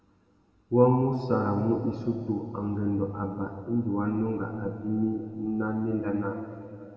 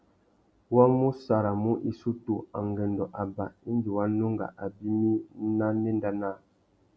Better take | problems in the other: second | room echo; dies away in 2.6 s

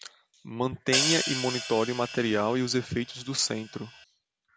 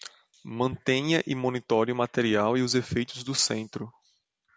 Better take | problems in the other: second | background sound (Hi-hat); 4 dB below the speech

